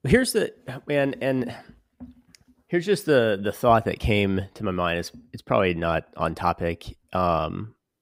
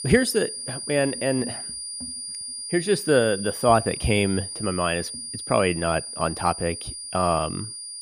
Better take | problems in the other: first | high-pitched whine; loud; throughout; 9.5 kHz, 8 dB below the speech

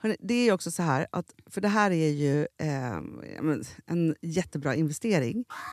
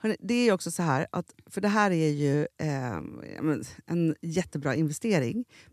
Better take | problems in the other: second | alarm; faint; at 5.5 s; peak 10 dB below the speech

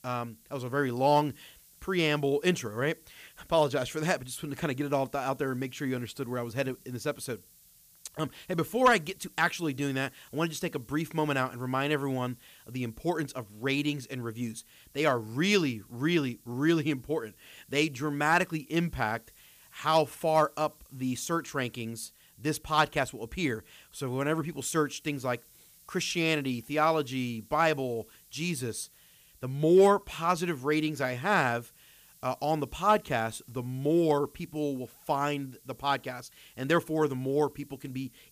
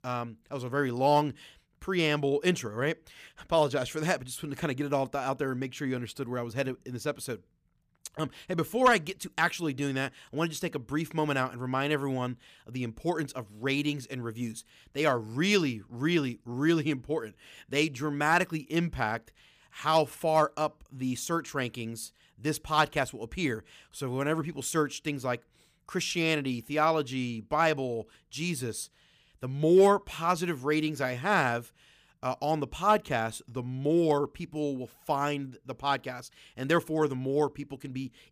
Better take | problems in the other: second | hiss; faint; throughout; 25 dB below the speech

